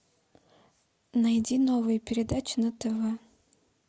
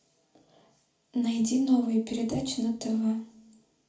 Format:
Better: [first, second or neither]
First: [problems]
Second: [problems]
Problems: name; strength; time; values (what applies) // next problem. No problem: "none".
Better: first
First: none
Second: room echo; dies away in 0.4 s